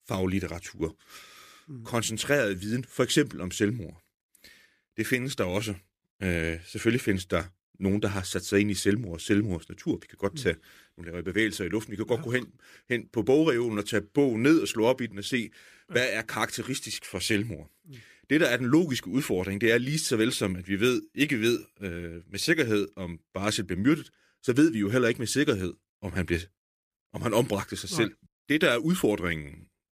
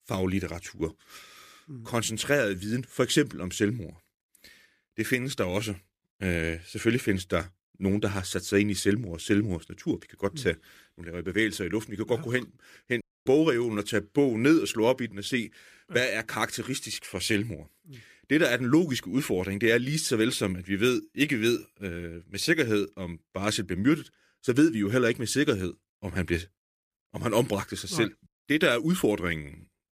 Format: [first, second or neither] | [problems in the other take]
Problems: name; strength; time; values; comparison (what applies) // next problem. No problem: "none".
first | audio cutting out; at 13 s